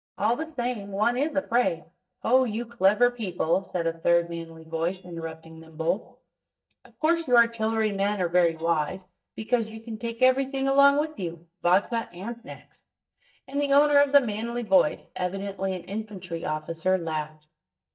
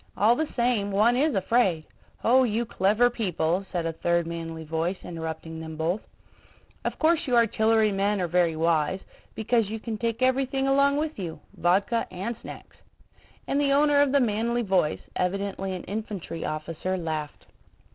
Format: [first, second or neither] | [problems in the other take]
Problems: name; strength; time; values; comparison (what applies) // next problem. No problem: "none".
second | noise reduction (neural mask model DeepFilterNet 3)